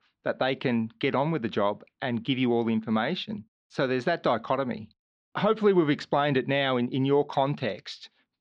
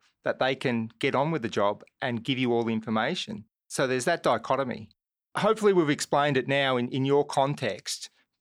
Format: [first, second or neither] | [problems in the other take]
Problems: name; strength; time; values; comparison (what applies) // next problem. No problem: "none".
second | muffled; very slightly; fading above 4 kHz